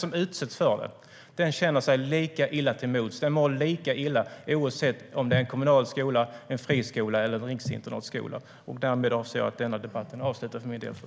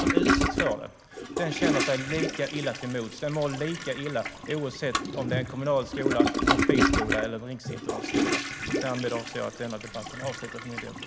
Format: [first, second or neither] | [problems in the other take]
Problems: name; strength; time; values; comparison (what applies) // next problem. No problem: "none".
first | background sound (Toilet flush); 3 dB above the speech